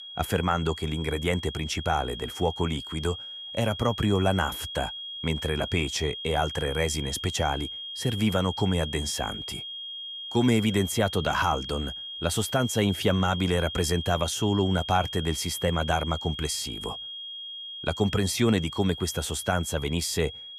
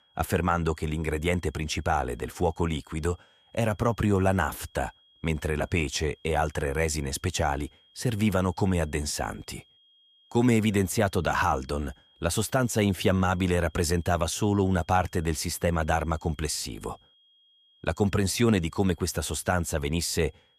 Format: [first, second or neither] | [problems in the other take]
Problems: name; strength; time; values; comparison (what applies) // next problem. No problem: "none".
second | high-pitched whine; loud; throughout; 3.5 kHz, 8 dB below the speech; faint in the second